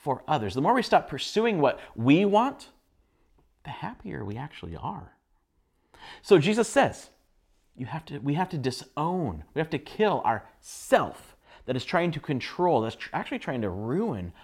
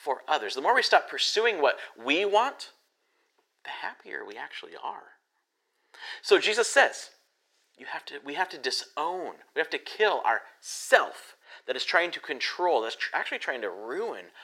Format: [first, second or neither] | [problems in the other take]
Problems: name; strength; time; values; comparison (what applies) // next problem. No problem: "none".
first | thin; very; fading below 400 Hz